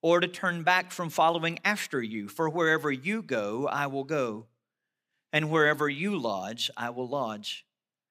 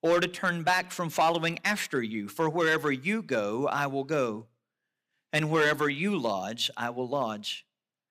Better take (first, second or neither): first